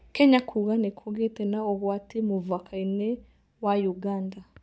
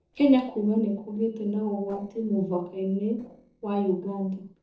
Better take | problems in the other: first | noise reduction (neural separator model SepFormer DNS4)

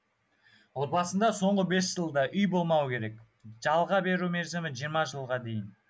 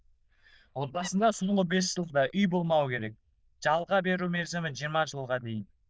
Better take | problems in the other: first | noise reduction (neural diffusion model UNIVERSE++)

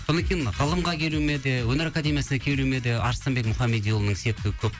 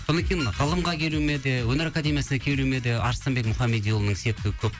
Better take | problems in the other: first | background sound (Wind instrument, woodwind instrument); 16 dB below the speech

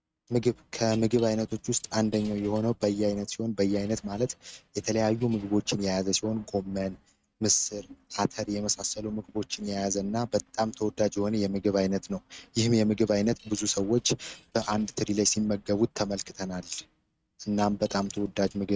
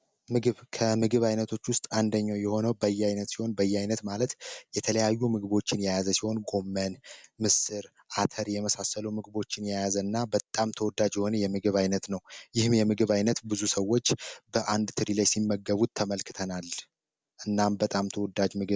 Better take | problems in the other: second | noise reduction (neural mask model RNNoise)

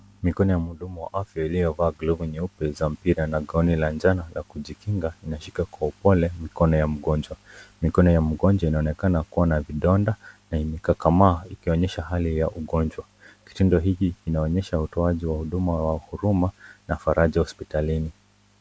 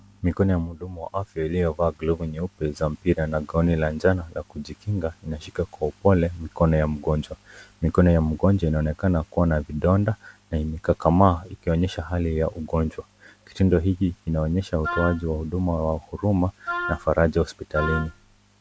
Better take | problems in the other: first | background sound (Wind instrument, woodwind instrument); 8 dB below the speech

